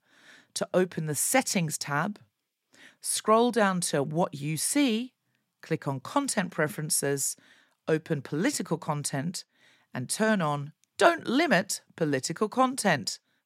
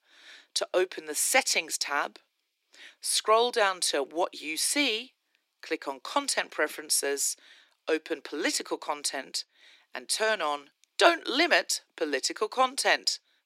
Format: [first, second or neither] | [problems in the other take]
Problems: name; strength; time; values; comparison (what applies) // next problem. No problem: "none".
first | thin; somewhat; fading below 300 Hz